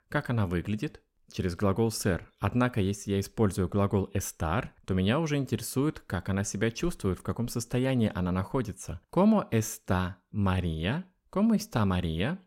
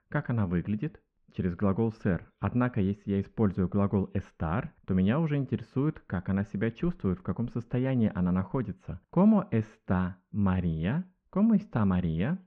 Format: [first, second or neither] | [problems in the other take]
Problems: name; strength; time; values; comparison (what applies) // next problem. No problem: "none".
first | muffled; very; fading above 2.5 kHz